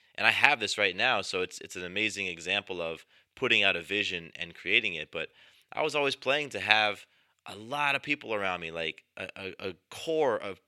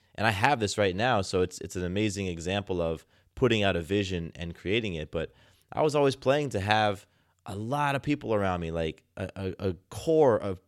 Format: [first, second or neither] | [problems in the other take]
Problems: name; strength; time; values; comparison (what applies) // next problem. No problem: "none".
second | thin; somewhat; fading below 950 Hz